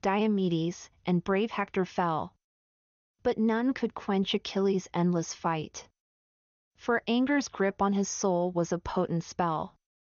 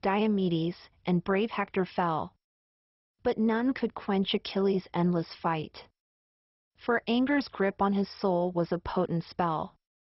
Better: first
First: garbled, watery; slightly; nothing above 6.5 kHz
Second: garbled, watery; badly; nothing above 5.5 kHz

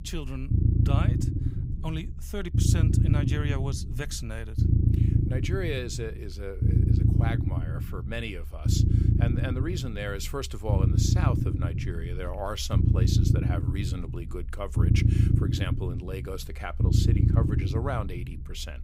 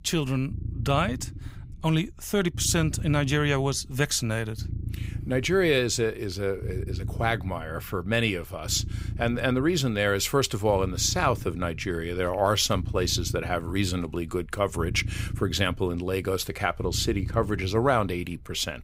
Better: second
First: low rumble; loud; throughout; 1 dB below the speech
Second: low rumble; faint; throughout; 20 dB below the speech

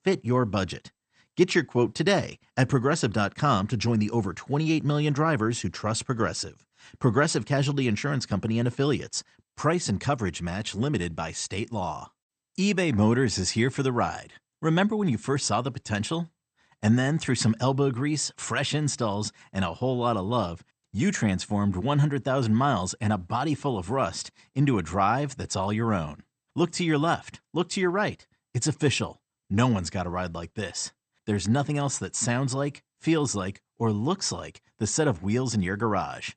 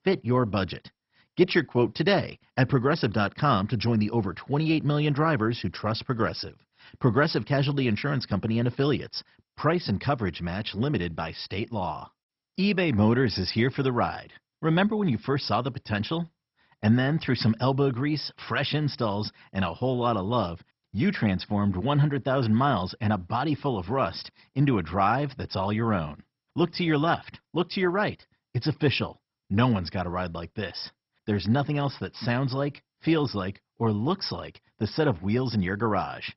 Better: first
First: garbled, watery; slightly; nothing above 8.5 kHz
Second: garbled, watery; badly; nothing above 5.5 kHz

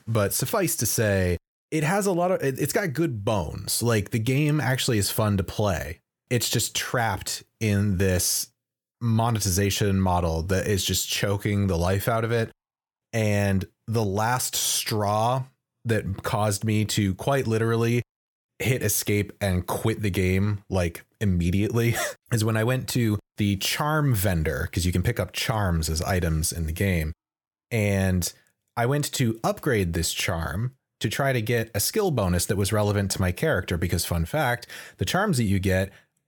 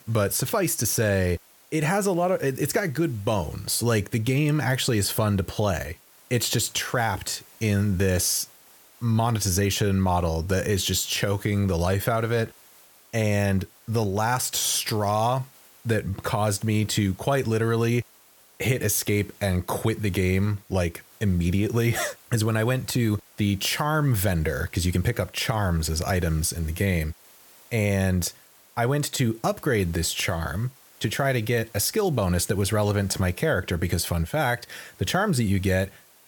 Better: first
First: none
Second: hiss; faint; throughout; 25 dB below the speech

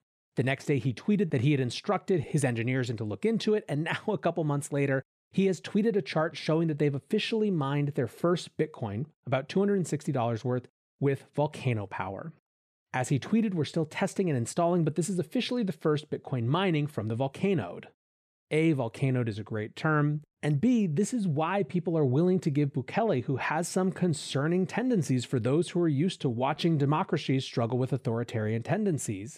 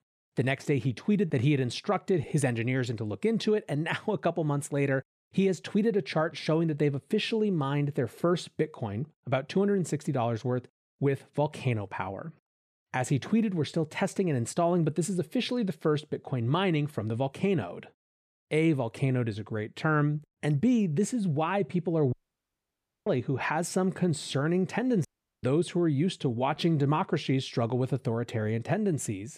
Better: first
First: none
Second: audio cutting out; at 22 s for 1 s and at 25 s

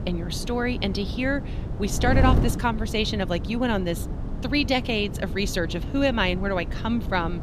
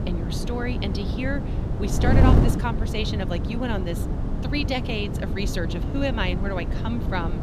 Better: first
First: wind noise on the microphone; occasional gusts; 10 dB below the speech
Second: wind noise on the microphone; heavy; 4 dB below the speech

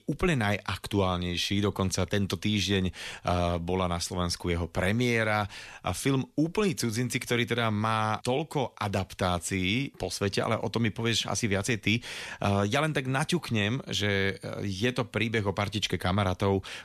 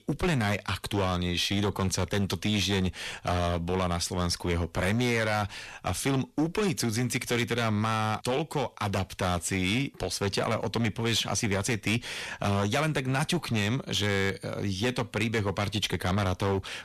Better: first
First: none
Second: distortion; slight; 11% of the sound clipped

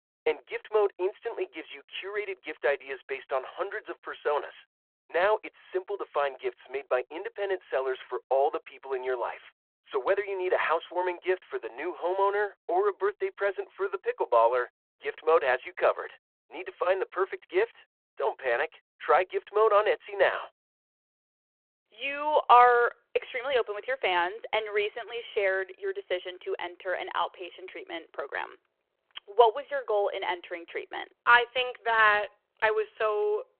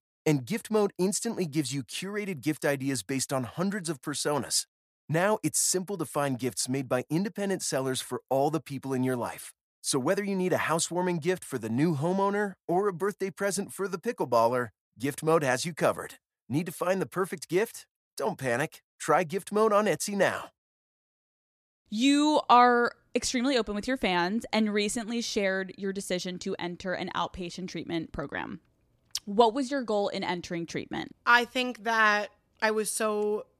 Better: second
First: phone-call audio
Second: none

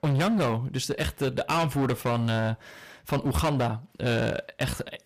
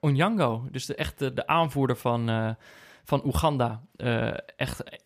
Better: second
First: distortion; heavy; 16% of the sound clipped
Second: none

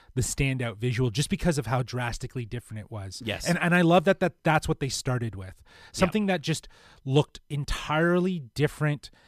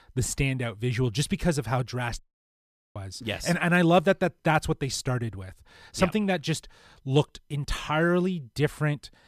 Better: first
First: none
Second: audio cutting out; at 2 s for 1 s

